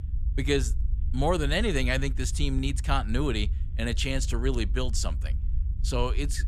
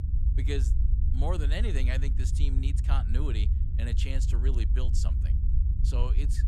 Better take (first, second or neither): first